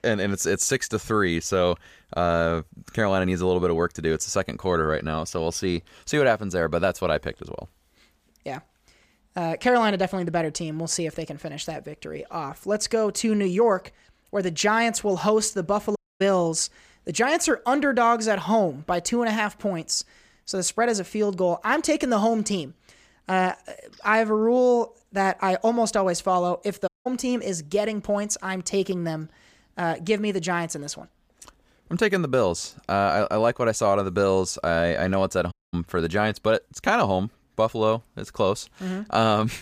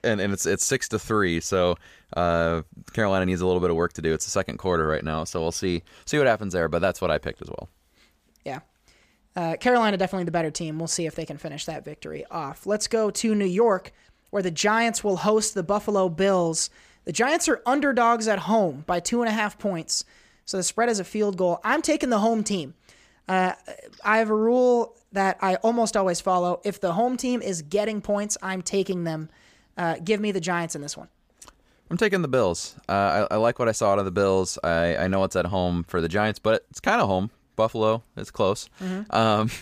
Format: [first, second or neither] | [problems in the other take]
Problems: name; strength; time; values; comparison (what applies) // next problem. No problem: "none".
second | audio cutting out; at 16 s, at 27 s and at 36 s